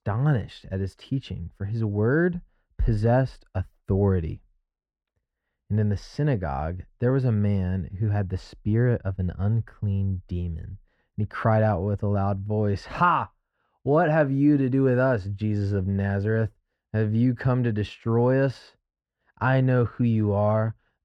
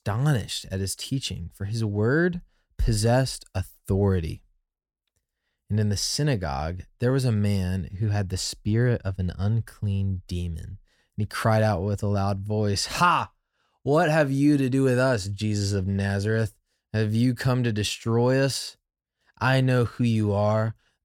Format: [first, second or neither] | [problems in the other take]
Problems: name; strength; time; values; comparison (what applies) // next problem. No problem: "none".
second | muffled; very; fading above 4 kHz